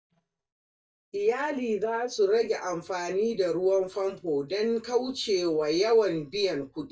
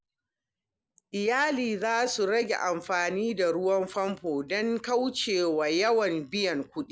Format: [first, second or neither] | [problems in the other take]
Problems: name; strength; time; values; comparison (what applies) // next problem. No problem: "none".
second | noise reduction (neural mask model DeepFilterNet 3)